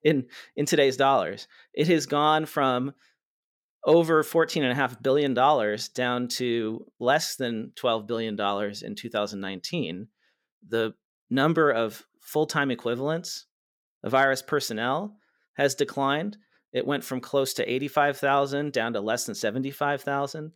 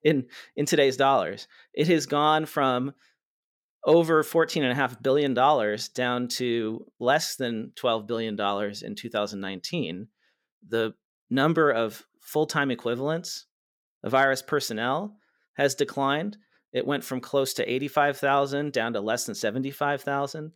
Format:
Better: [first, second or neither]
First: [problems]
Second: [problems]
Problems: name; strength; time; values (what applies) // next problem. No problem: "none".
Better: neither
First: none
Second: none